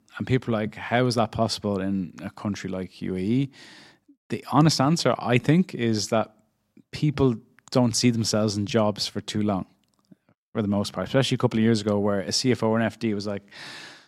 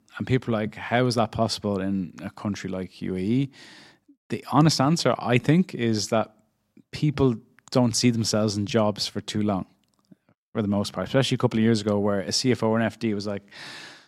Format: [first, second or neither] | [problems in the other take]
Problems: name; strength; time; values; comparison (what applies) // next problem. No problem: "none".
neither | none